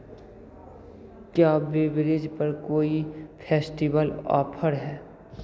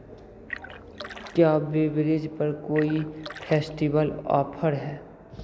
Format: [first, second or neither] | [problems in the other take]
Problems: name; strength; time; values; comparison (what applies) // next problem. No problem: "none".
first | background sound (Splash, splatter); 15 dB below the speech